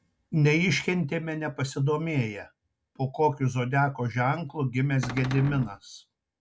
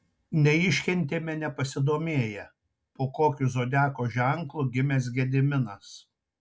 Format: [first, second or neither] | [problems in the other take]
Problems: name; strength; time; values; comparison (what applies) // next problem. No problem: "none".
second | background sound (Cupboard open or close); 10 dB below the speech